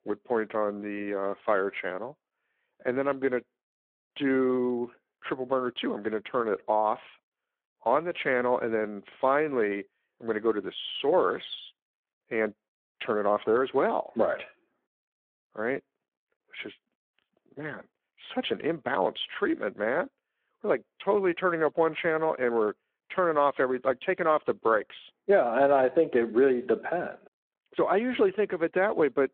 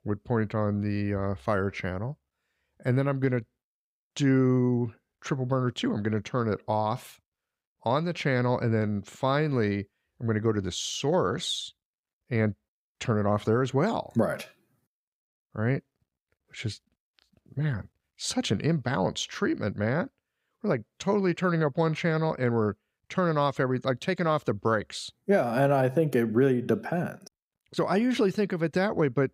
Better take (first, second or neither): second